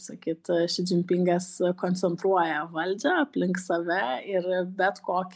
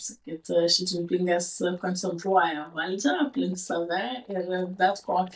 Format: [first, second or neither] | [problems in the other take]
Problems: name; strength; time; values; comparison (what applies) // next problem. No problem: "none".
first | noise reduction (neural mask model DeepFilterNet 3)